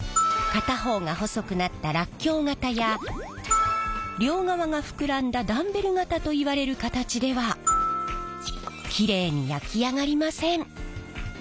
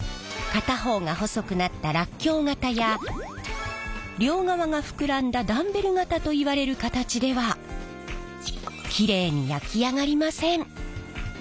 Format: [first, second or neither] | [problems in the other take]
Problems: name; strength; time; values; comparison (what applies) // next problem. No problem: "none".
second | background sound (Glockenspiel); 5 dB below the speech